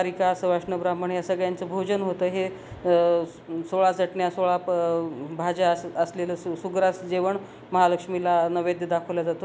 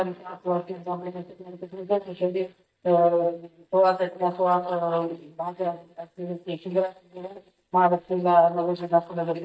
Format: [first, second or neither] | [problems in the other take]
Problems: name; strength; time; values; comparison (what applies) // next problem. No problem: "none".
first | noise reduction (neural mask model DeepFilterNet 3)